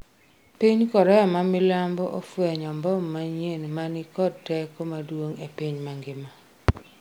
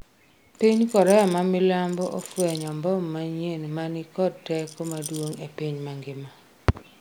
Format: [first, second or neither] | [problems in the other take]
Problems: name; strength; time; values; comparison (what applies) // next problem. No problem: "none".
first | background sound (Rattle); 17 dB below the speech